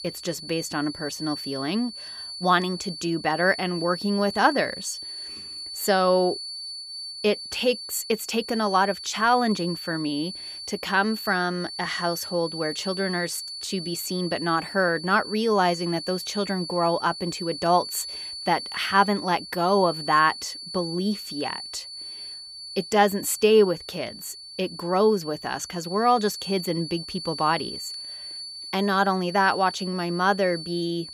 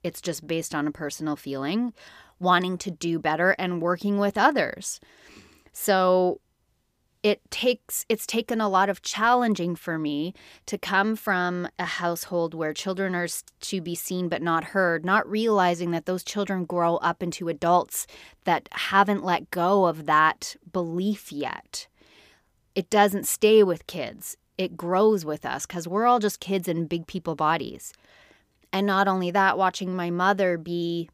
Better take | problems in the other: second | high-pitched whine; loud; throughout; 4.5 kHz, 9 dB below the speech

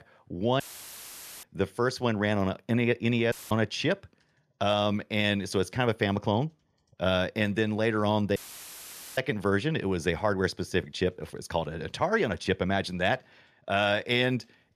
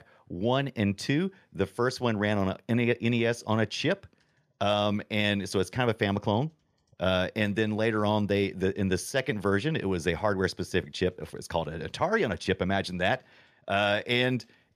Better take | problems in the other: second | audio cutting out; filled with static; at 0.5 s for 1 s, at 3.5 s and at 8.5 s for 1 s

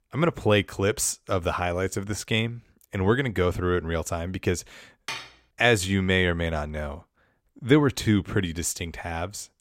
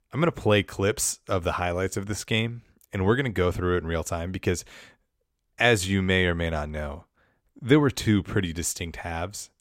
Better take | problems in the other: second | clattering dishes; noticeable; at 5 s; peak 10 dB below the speech

